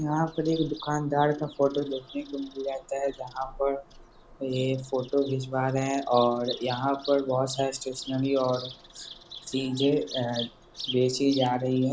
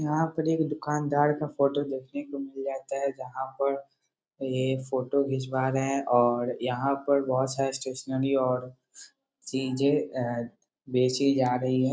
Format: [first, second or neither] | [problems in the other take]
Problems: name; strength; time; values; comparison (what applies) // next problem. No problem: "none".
second | background sound (Bird vocalization, bird call, bird song); 15 dB below the speech